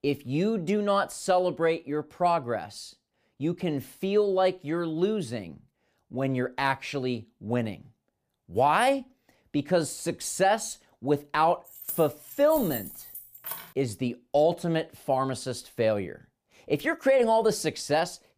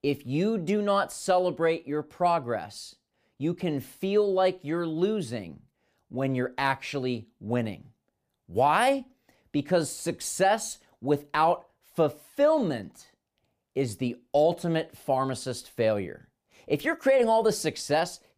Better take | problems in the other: second | jangling keys; noticeable; from 12 to 14 s; peak 8 dB below the speech

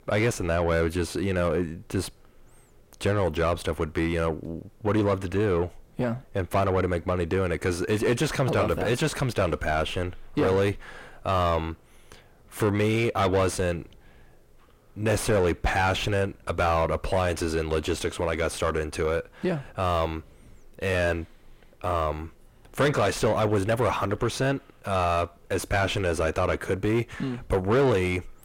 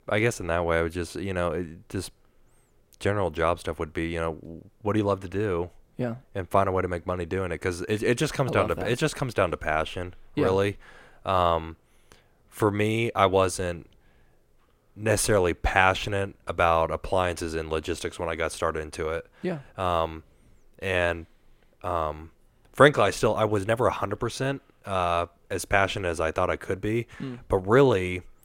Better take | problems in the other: second | distortion; heavy; 6 dB below the speech

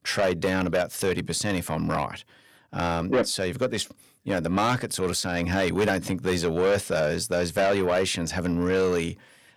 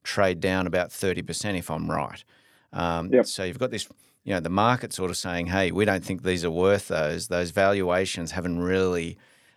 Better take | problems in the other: second | distortion; heavy; 7 dB below the speech

